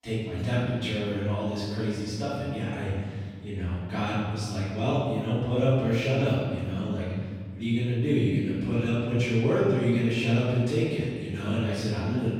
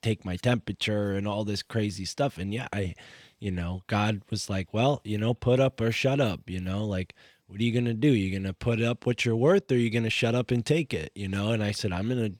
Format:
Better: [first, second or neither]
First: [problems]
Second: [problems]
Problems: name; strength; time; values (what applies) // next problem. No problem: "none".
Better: second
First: off-mic speech; far // room echo; strong; dies away in 2 s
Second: none